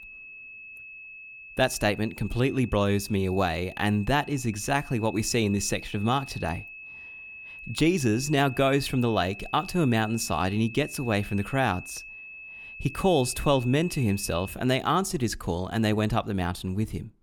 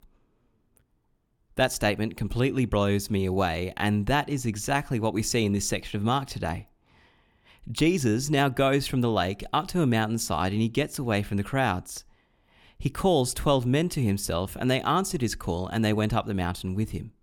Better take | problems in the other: second | high-pitched whine; noticeable; until 15 s; 2.5 kHz, 15 dB below the speech

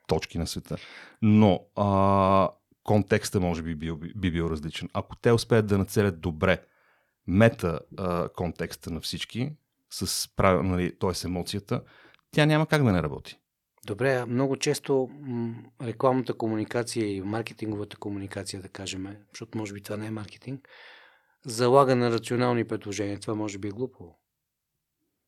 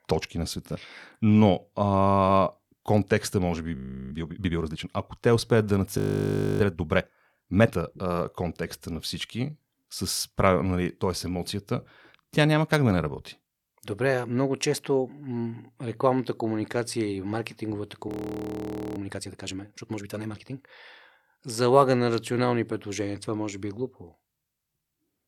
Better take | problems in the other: first | audio freezing; at 4 s, at 6 s for 0.5 s and at 18 s for 1 s

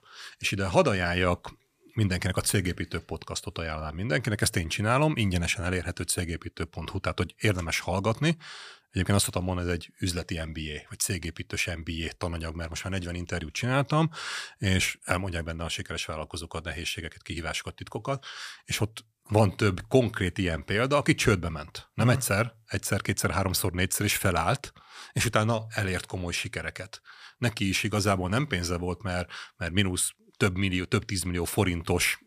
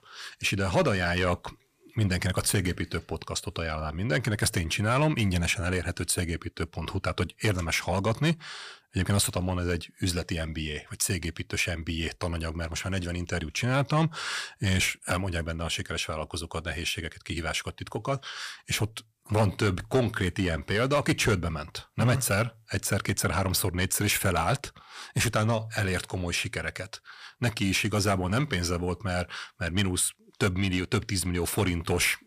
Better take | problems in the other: first | distortion; slight; 10 dB below the speech

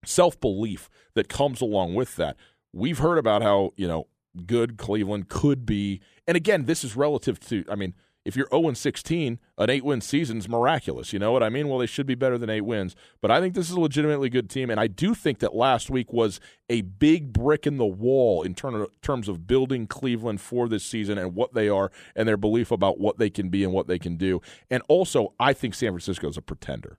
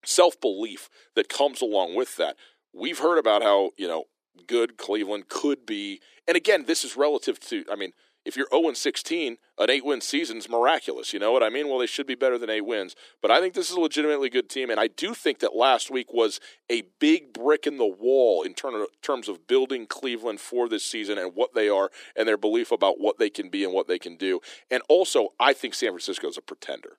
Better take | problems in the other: first | thin; somewhat; fading below 300 Hz

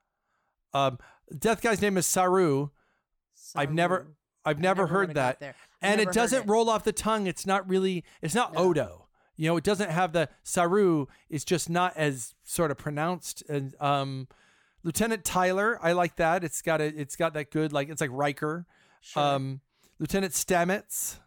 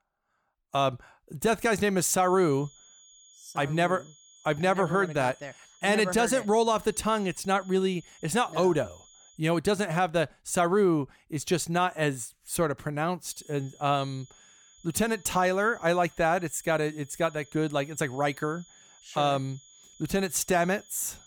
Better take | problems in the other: first | high-pitched whine; faint; from 2 to 9.5 s and from 13 s on; 7 kHz, 25 dB below the speech

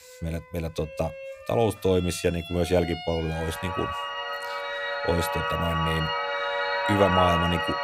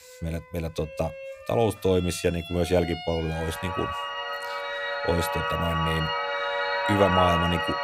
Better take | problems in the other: neither | background music; loud; throughout; 1 dB below the speech; the same in both

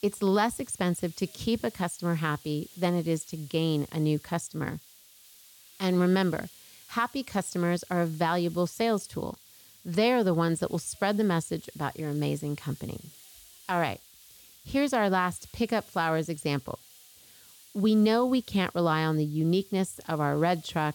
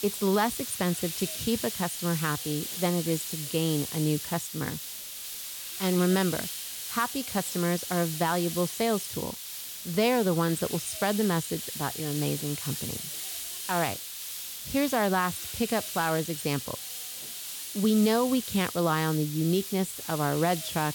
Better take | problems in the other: first | hiss; loud; throughout; 6 dB below the speech; faint in the first

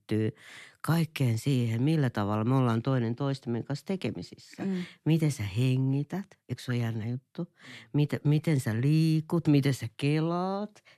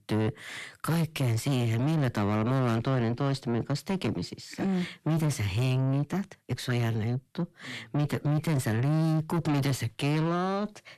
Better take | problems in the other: first | distortion; heavy; 7 dB below the speech

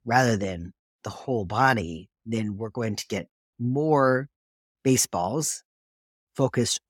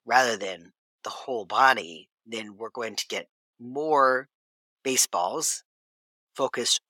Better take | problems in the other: first | thin; somewhat; fading below 500 Hz

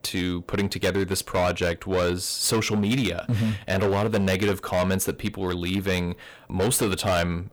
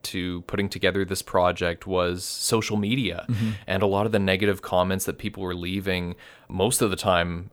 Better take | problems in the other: second | distortion; heavy; 12% of the sound clipped

